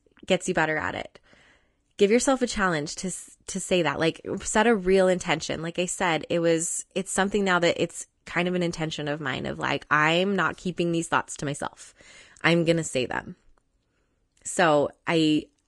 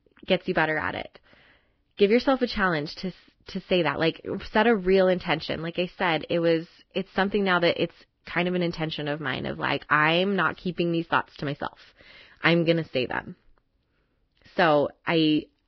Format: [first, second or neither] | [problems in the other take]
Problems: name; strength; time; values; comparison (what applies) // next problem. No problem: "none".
first | garbled, watery; badly; nothing above 5 kHz; slightly in the first